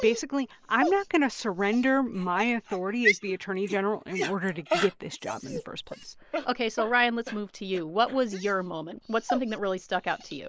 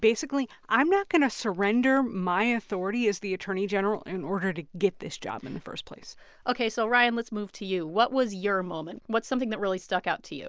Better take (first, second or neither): second